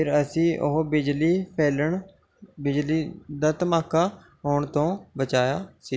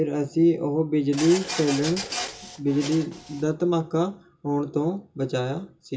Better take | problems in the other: first | background sound (Printer); 9 dB below the speech // room echo; dies away in 0.2 s

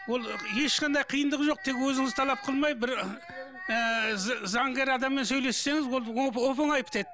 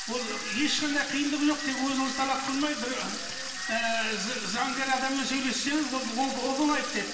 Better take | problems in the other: first | background sound (Sink (filling or washing) / Water tap, faucet); 8 dB below the speech // room echo; dies away in 1.4 s

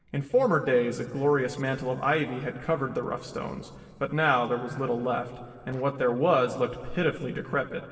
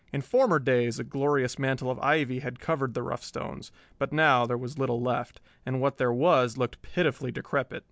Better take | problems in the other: second | noise reduction (neural separator model SepFormer DNS4)

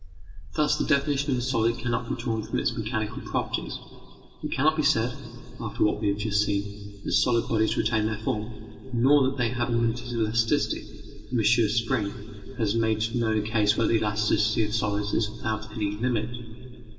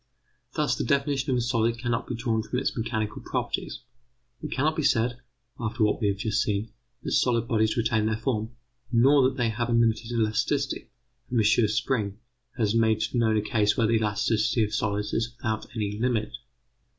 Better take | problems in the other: second | background sound (Bark); 14 dB below the speech // room echo; dies away in 2.5 s

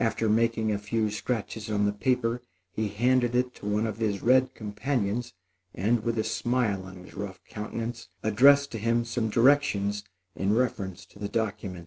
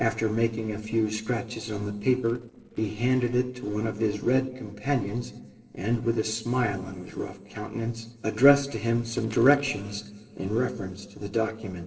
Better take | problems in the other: first | noise reduction (neural separator model SepFormer DNS4)

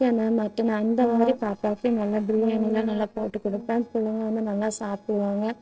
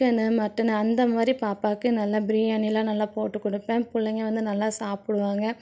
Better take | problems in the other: second | noise reduction (neural separator model SepFormer DNS4)

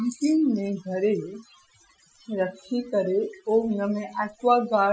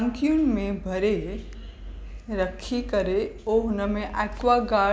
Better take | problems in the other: second | noise reduction (classical method Wiener filter)

